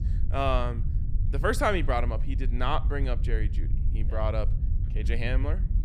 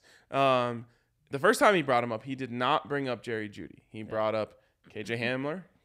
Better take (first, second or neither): second